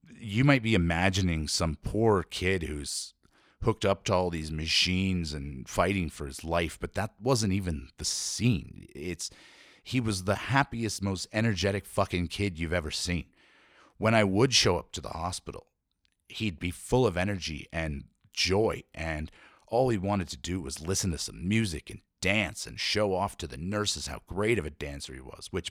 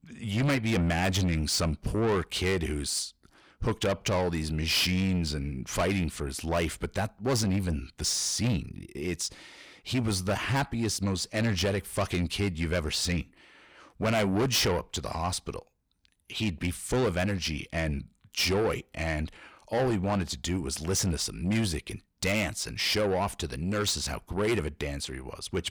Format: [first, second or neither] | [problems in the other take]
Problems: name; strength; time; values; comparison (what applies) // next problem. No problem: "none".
first | distortion; heavy; 7 dB below the speech